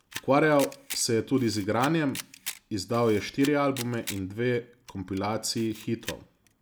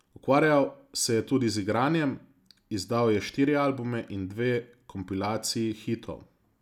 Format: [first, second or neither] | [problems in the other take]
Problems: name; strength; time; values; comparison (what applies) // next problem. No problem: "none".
second | background sound (Camera); 16 dB below the speech